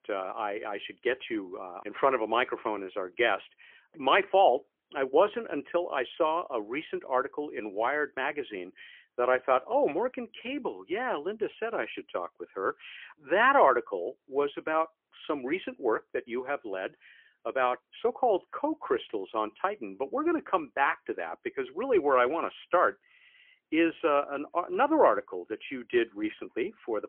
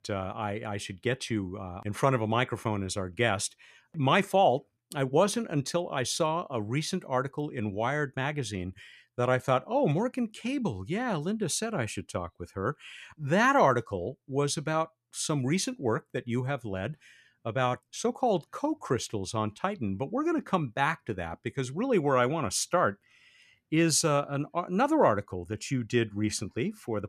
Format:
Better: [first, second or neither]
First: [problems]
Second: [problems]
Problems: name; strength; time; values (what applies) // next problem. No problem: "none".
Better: second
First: phone-call audio; poor line; nothing above 3.5 kHz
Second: none